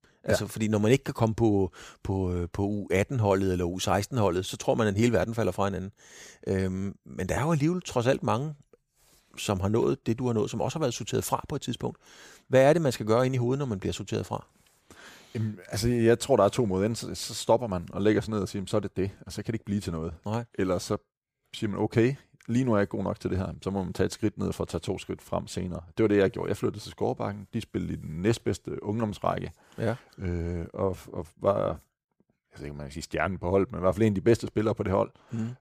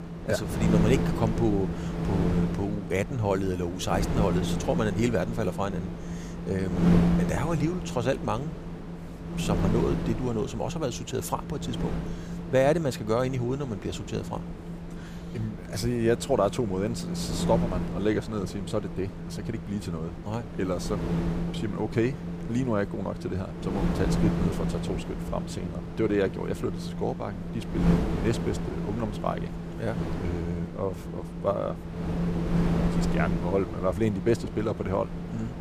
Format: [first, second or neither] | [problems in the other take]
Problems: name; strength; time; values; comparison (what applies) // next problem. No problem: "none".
first | wind noise on the microphone; heavy; 6 dB below the speech